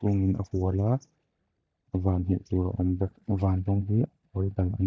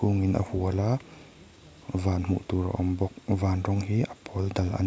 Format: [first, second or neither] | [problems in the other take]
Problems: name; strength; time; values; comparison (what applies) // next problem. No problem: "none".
second | noise reduction (neural mask model DeepFilterNet 3)